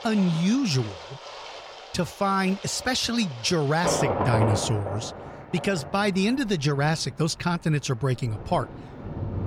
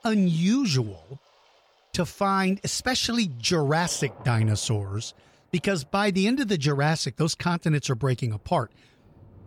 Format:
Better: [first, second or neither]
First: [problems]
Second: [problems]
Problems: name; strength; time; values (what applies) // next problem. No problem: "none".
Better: second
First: rain or running water; loud; throughout; 8 dB below the speech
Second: rain or running water; faint; throughout; 30 dB below the speech